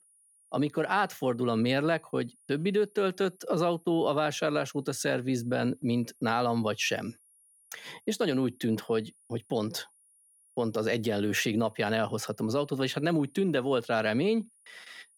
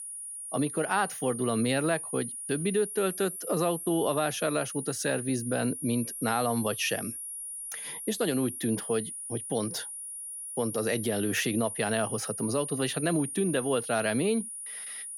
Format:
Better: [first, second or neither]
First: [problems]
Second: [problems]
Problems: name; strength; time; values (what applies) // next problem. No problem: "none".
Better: first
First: high-pitched whine; faint; throughout; 9.5 kHz, 30 dB below the speech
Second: high-pitched whine; loud; throughout; 9.5 kHz, 6 dB below the speech